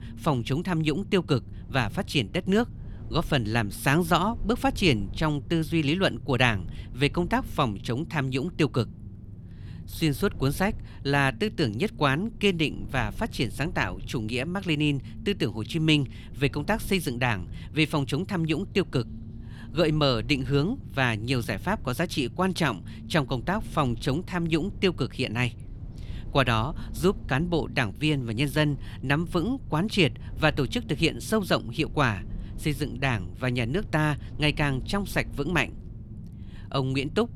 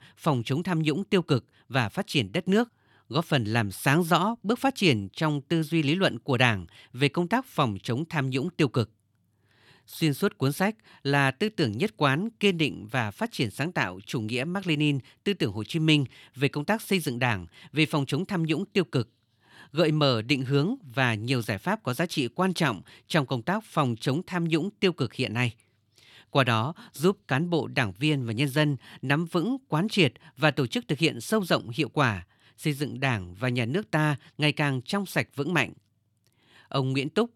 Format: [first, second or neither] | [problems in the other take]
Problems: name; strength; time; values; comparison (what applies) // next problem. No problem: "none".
second | low rumble; faint; throughout; 25 dB below the speech